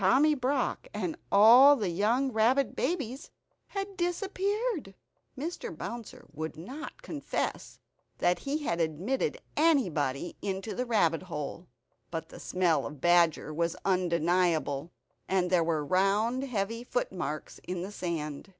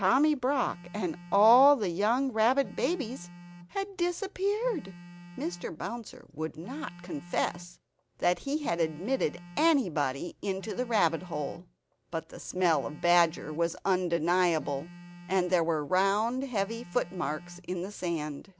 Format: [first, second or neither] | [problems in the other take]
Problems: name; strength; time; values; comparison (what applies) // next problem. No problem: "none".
first | background sound (Telephone); 20 dB below the speech